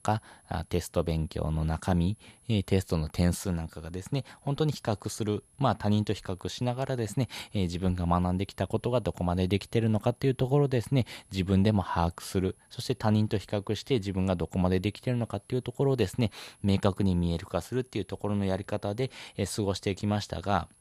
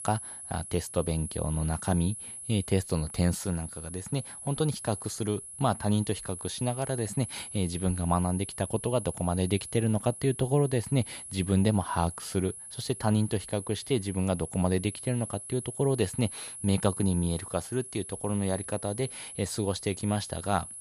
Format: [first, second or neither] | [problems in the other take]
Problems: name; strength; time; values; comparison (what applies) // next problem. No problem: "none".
first | high-pitched whine; loud; throughout; 10.5 kHz, 9 dB below the speech; faint in the first